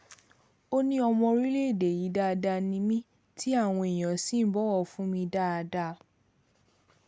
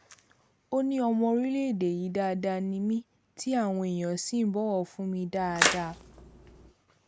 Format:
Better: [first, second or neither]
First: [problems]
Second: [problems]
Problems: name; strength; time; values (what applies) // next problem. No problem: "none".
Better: first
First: none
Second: background sound (Splash, splatter); 1 dB below the speech